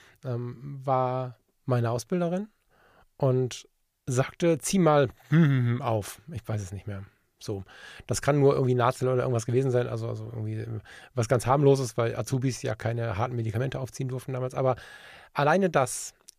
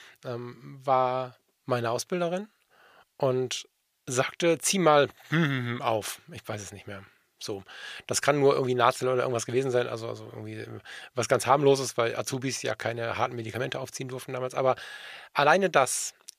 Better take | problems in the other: first | thin; somewhat; fading below 900 Hz

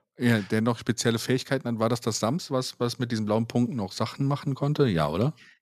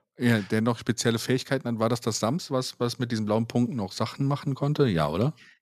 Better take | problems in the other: neither | none

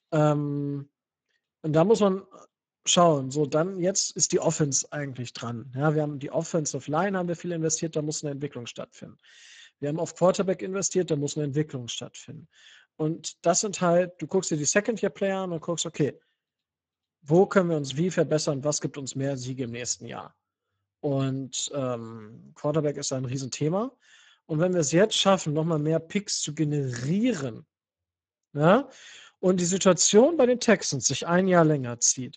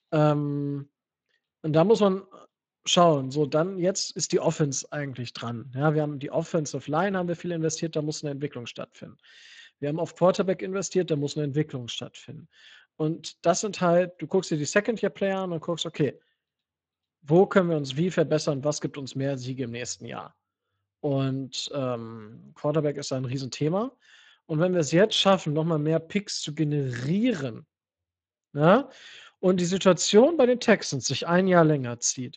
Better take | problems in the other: second | garbled, watery; badly; nothing above 7.5 kHz; slightly in the second

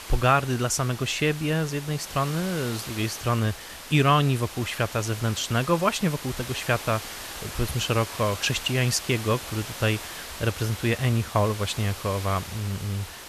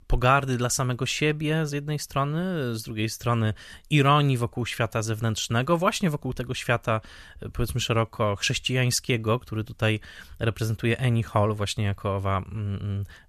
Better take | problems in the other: second | hiss; noticeable; throughout; 10 dB below the speech

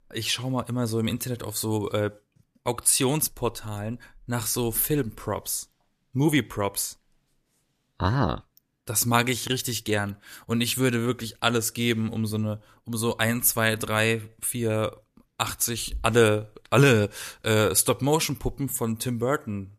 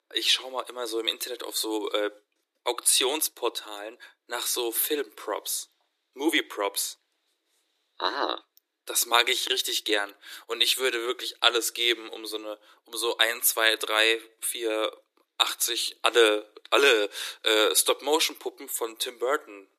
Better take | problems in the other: first | thin; very; fading below 300 Hz

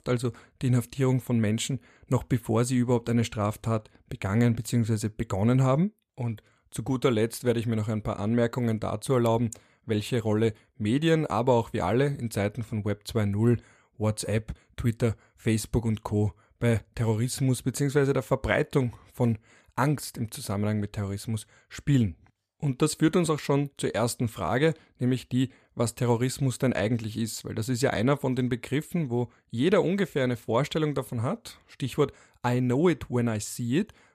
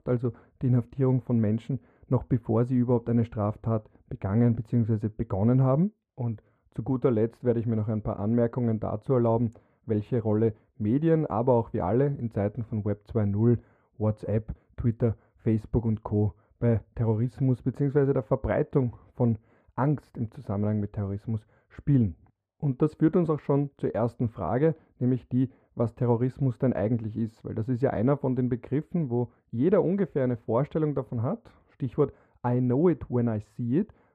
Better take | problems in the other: first | muffled; very; fading above 2.5 kHz

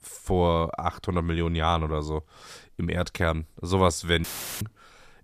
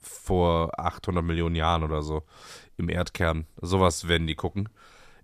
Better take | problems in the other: second | audio cutting out; filled with static; at 4 s

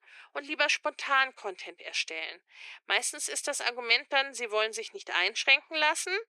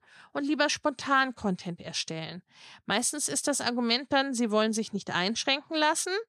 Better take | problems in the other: second | thin; very; fading below 350 Hz

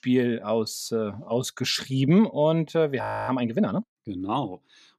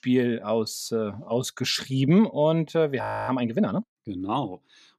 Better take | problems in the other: neither | audio freezing; at 3 s; the same in both

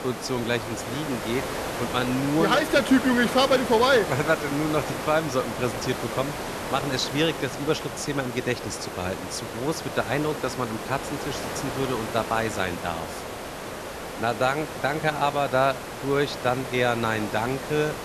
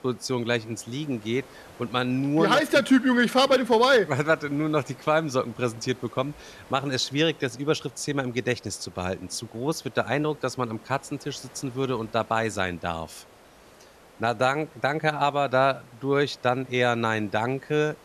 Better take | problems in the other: second | hiss; loud; throughout; 7 dB below the speech; faint in the second

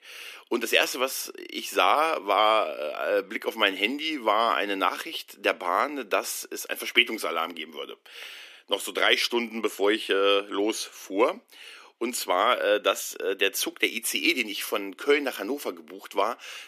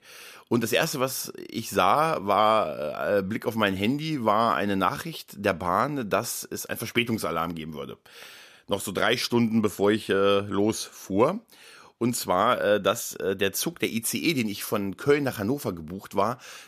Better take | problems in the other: second | thin; somewhat; fading below 300 Hz

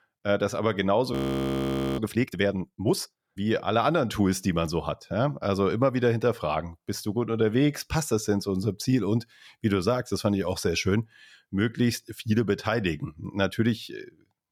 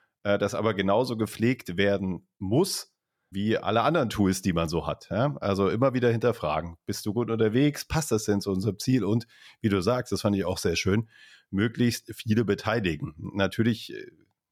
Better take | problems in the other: second | audio freezing; at 1 s for 1 s

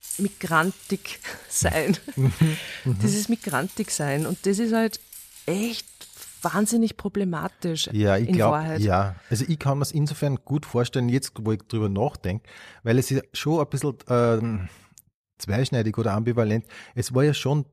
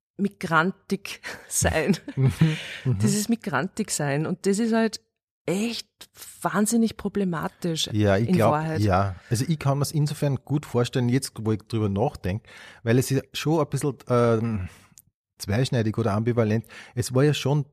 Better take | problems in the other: second | jangling keys; noticeable; until 6.5 s; peak 8 dB below the speech

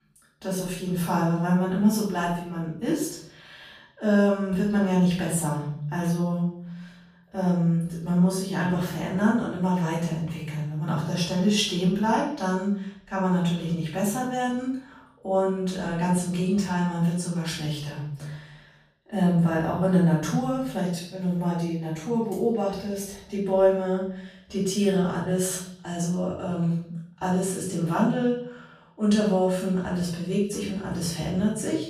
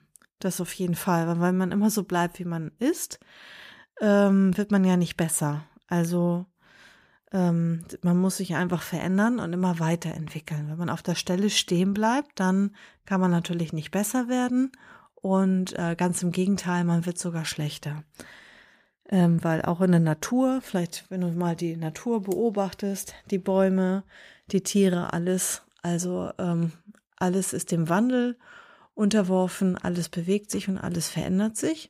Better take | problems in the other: second | off-mic speech; far // room echo; noticeable; dies away in 0.7 s

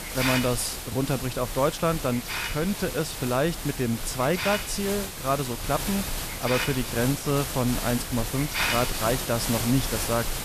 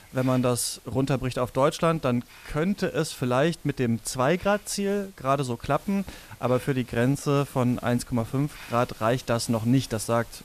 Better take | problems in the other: second | hiss; loud; throughout; 3 dB below the speech; faint in the second

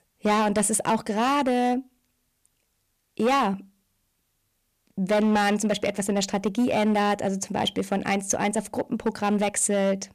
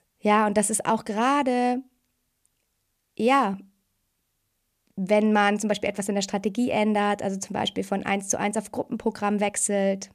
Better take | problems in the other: second | distortion; slight; 8% of the sound clipped

